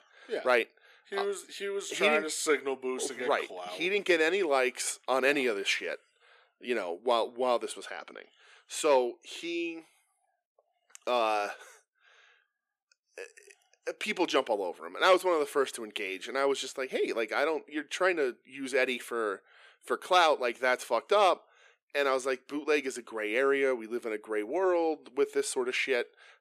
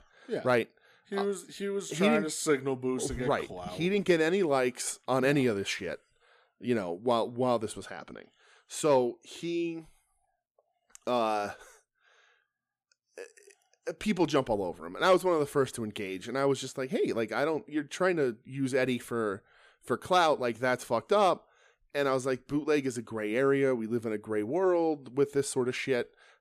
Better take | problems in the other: second | thin; somewhat; fading below 350 Hz

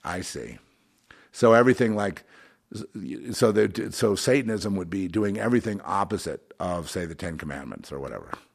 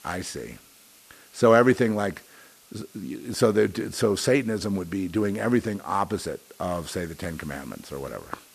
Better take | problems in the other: first | hiss; faint; throughout; 25 dB below the speech

